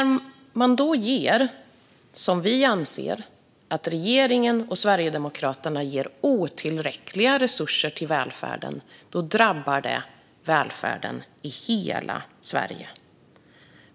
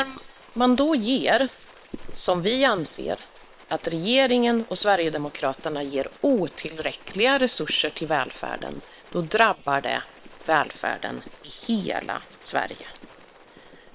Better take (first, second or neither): first